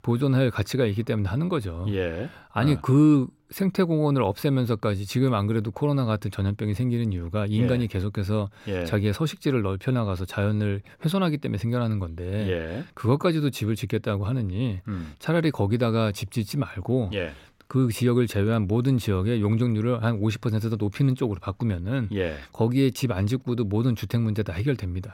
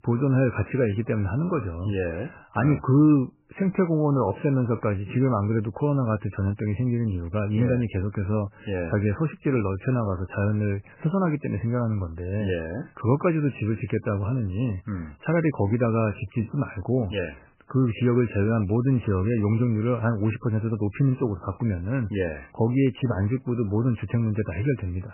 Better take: first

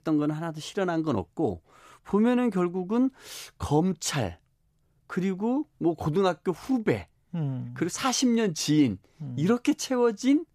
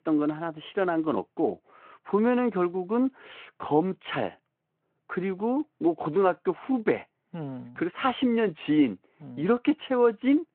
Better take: first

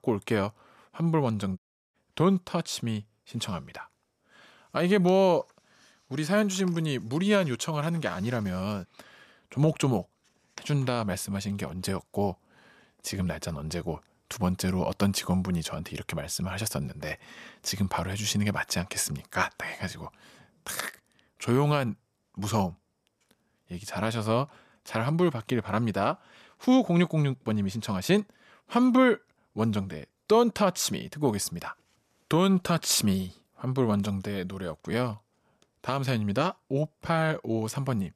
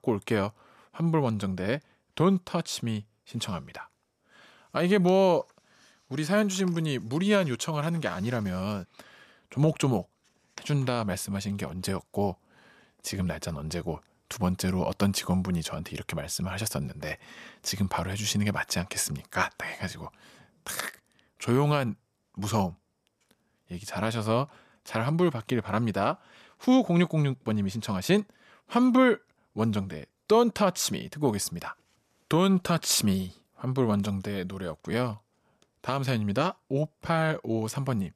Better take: second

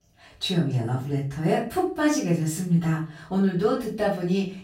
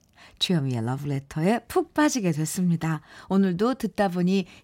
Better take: second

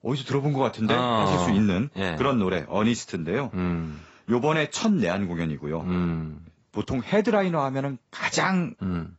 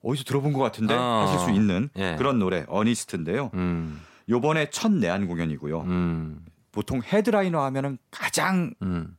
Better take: second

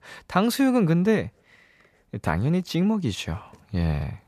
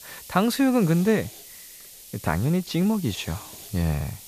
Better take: first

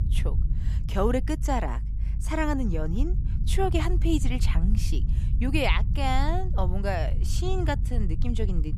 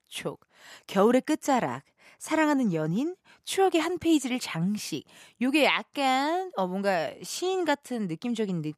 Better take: second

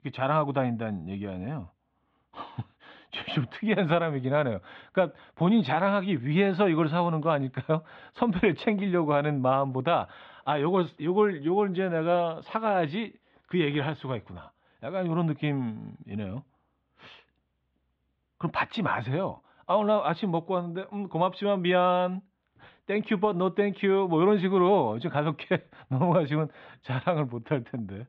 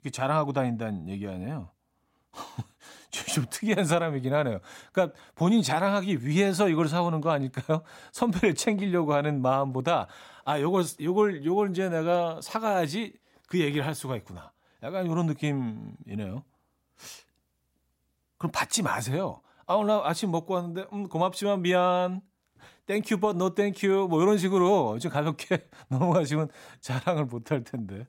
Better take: second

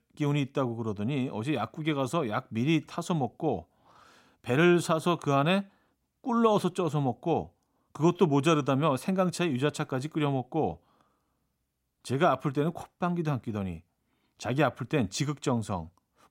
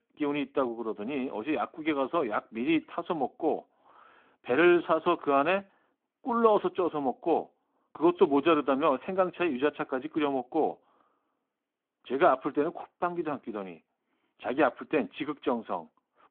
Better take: first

